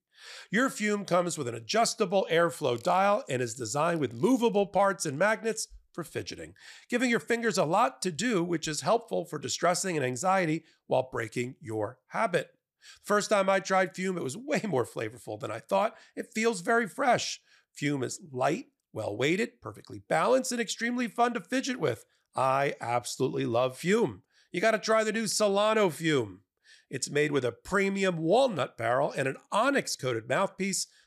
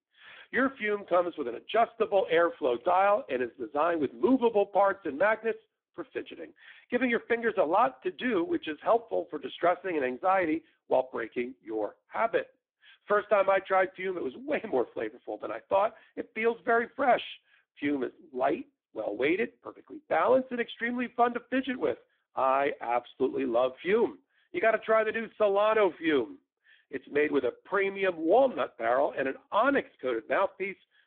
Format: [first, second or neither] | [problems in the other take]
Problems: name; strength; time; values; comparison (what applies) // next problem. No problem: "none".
first | phone-call audio; poor line